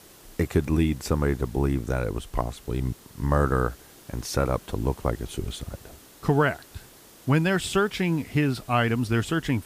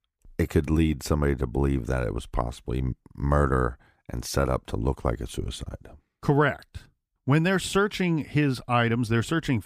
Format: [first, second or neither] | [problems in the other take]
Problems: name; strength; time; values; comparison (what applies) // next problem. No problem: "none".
second | hiss; faint; throughout; 25 dB below the speech